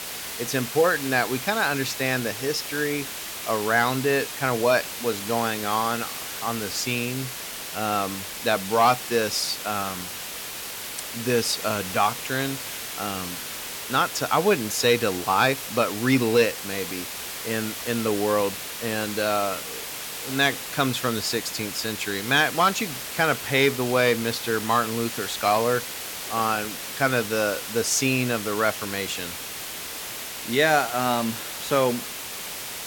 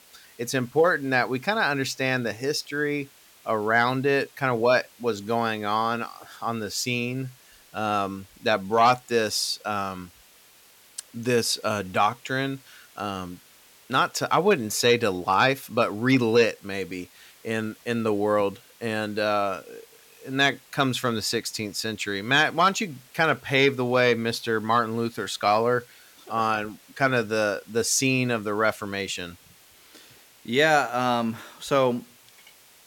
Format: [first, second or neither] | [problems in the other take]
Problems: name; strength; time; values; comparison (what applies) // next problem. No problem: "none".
second | hiss; loud; throughout; 7 dB below the speech; faint in the second